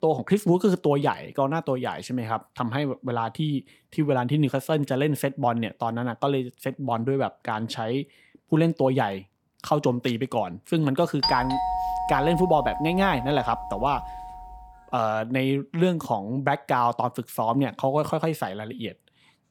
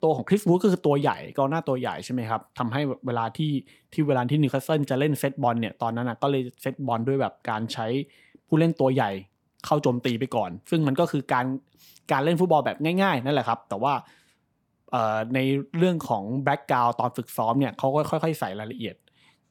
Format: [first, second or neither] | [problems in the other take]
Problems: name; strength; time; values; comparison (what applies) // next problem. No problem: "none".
second | doorbell; loud; from 11 to 14 s; peak 1 dB above the speech